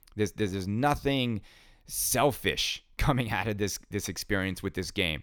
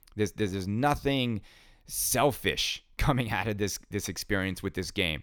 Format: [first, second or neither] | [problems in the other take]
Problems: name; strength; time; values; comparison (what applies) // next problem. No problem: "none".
neither | none